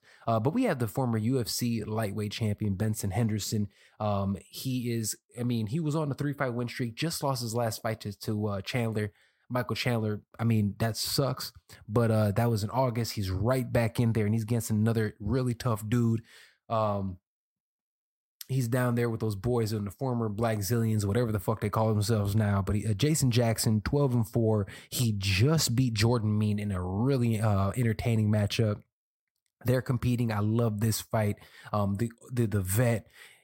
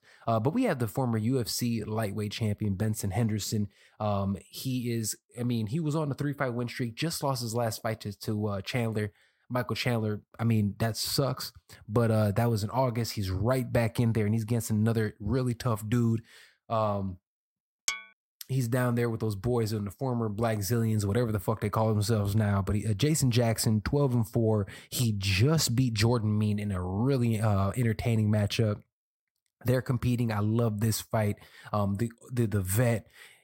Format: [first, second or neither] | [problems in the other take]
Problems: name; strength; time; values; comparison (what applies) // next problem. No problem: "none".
first | clattering dishes; noticeable; at 18 s; peak 4 dB below the speech